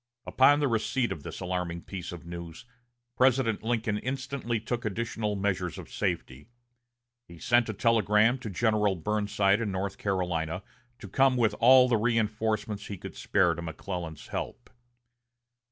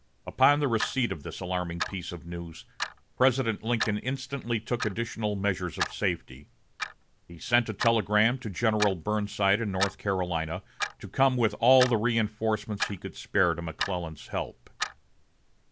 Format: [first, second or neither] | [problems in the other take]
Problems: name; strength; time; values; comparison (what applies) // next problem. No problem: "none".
first | background sound (Clock); 11 dB below the speech